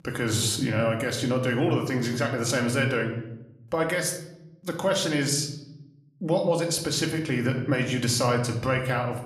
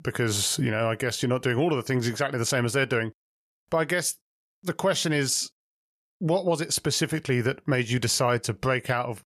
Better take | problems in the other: second | room echo; slight; dies away in 0.8 s

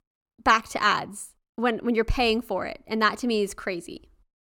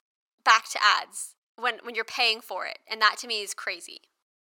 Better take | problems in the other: first | thin; very; fading below 900 Hz

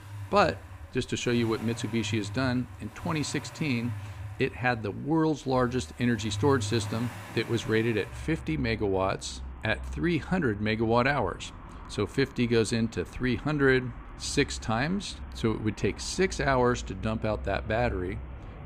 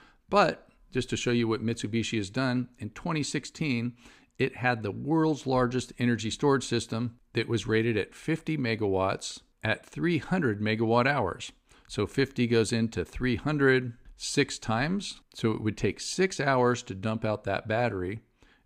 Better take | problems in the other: second | traffic noise; noticeable; throughout; 15 dB below the speech

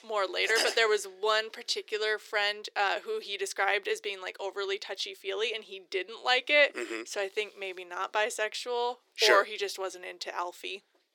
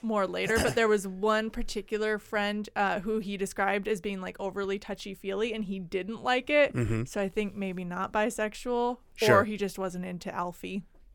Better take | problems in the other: second | thin; very; fading below 350 Hz

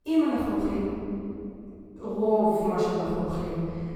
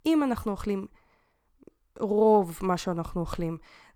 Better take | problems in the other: second | room echo; strong; dies away in 3 s // off-mic speech; far

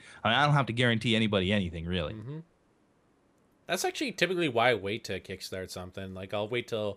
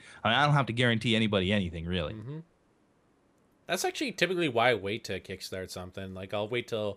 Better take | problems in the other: neither | none

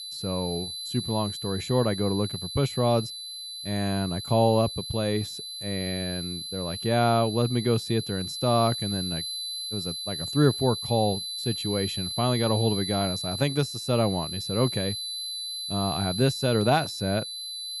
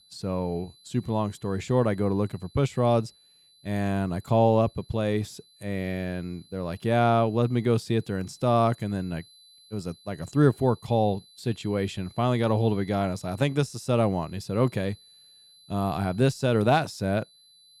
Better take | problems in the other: second | high-pitched whine; loud; throughout; 4 kHz, 5 dB below the speech; faint in the second

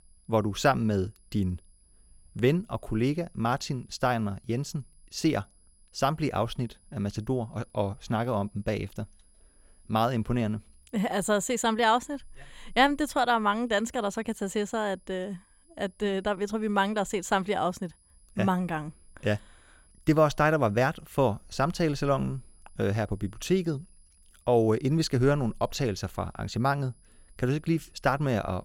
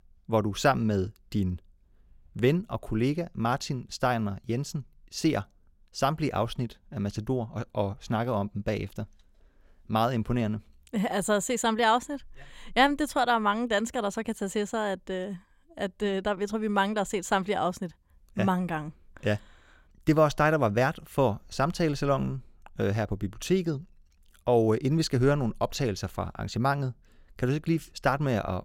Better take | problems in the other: second | high-pitched whine; faint; throughout; 10 kHz, 35 dB below the speech

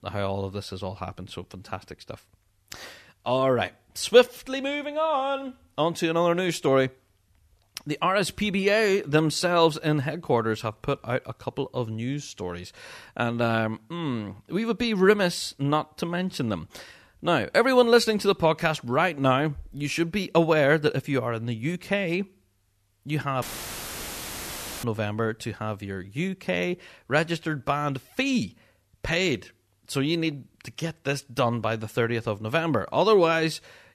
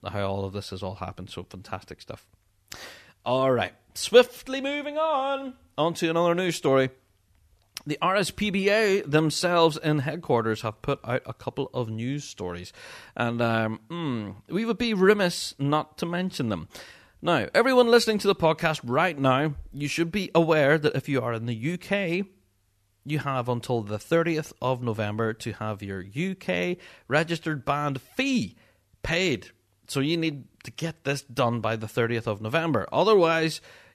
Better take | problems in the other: second | audio cutting out; filled with static; at 23 s for 1.5 s

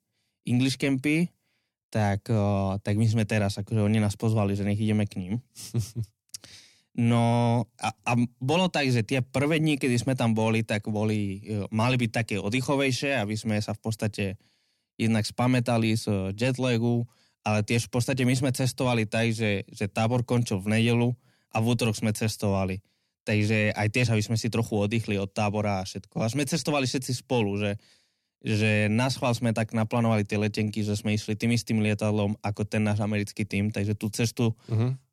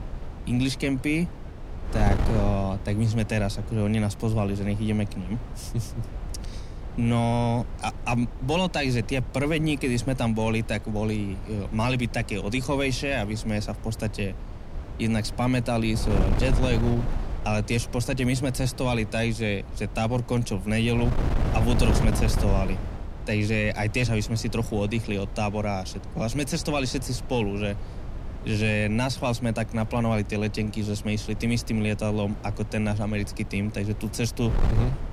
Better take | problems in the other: first | wind noise on the microphone; occasional gusts; 10 dB below the speech

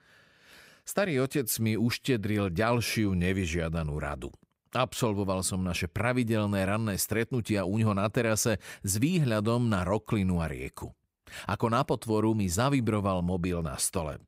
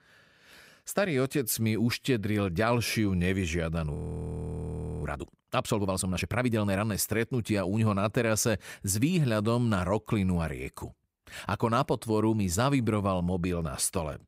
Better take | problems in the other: first | audio freezing; at 4 s for 1 s

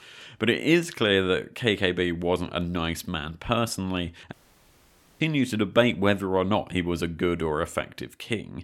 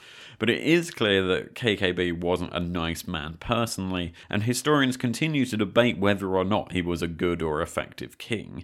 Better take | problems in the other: second | audio cutting out; at 4.5 s for 1 s

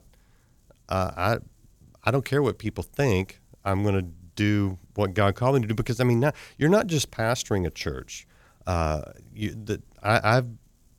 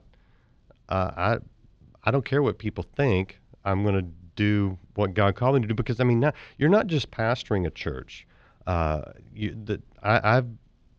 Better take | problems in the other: first | muffled; slightly; fading above 4 kHz

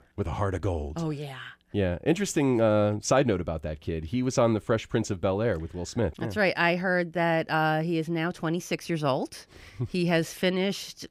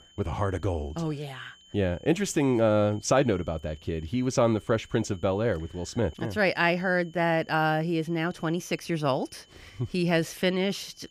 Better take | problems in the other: first | high-pitched whine; faint; throughout; 3 kHz, 30 dB below the speech

